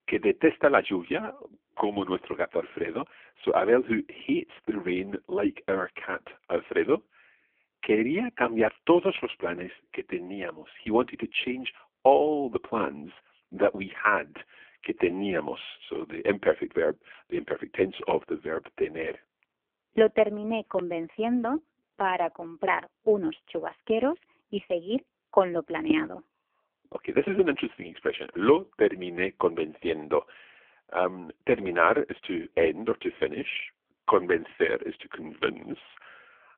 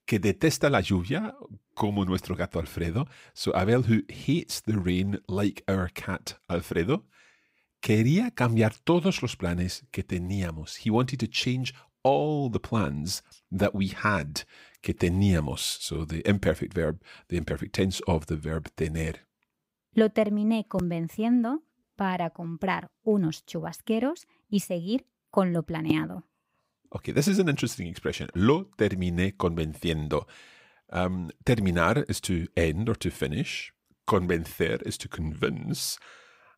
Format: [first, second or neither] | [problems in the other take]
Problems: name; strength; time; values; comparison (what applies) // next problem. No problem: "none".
second | phone-call audio; poor line; nothing above 3.5 kHz